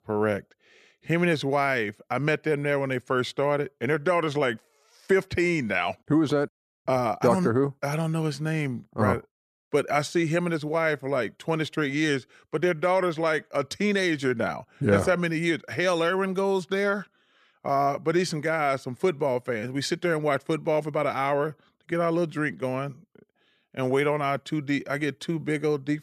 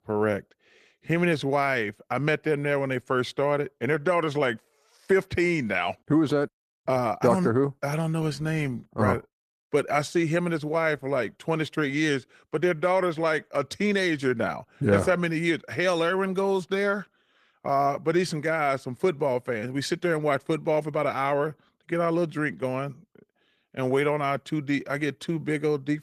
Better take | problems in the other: first | garbled, watery; slightly; nothing above 14.5 kHz

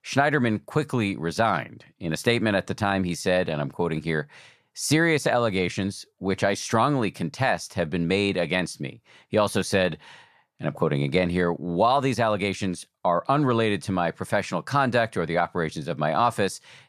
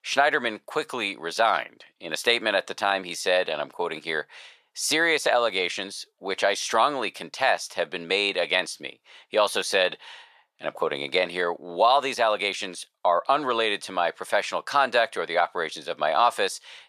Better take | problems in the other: first | thin; very; fading below 600 Hz

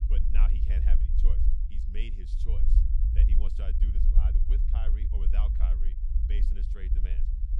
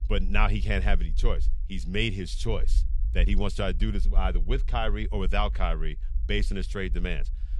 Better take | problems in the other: second | low rumble; loud; throughout; 1 dB below the speech; faint in the second

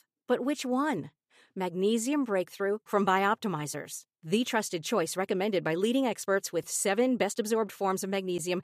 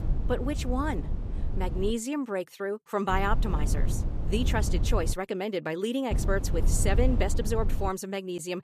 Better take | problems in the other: first | low rumble; noticeable; until 2 s, from 3 to 5 s and from 6 to 8 s; 10 dB below the speech

